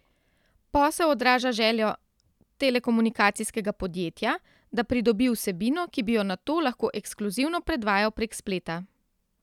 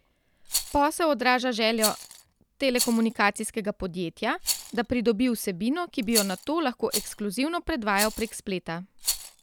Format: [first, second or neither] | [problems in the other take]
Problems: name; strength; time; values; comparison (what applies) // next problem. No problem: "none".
first | background sound (Rattle); 8 dB below the speech